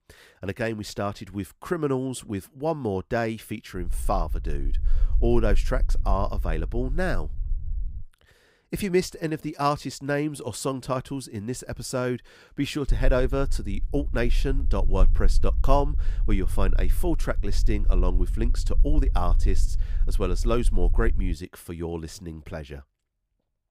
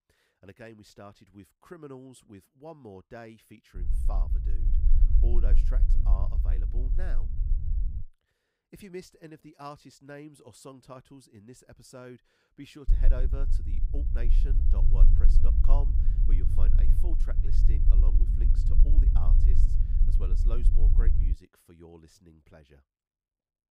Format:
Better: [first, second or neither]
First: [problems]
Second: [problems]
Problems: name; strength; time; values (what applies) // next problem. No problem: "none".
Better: first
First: low rumble; faint; from 4 to 8 s and from 13 to 21 s; 20 dB below the speech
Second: low rumble; loud; from 4 to 8 s and from 13 to 21 s; 2 dB below the speech